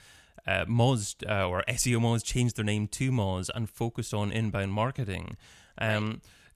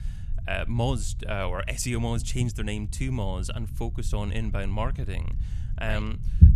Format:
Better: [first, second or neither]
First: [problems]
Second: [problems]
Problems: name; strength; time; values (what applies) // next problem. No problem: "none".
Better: first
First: none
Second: low rumble; noticeable; throughout; 15 dB below the speech